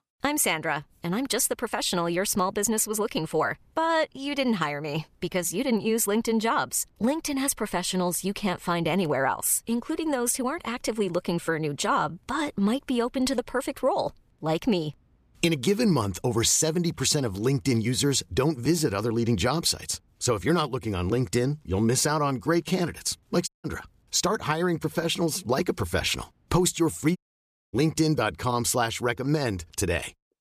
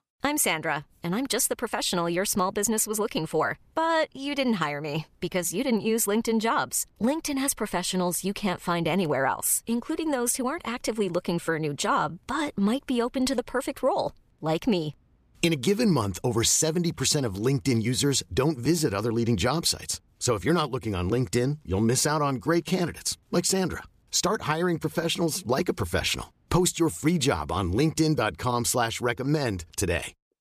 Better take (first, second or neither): second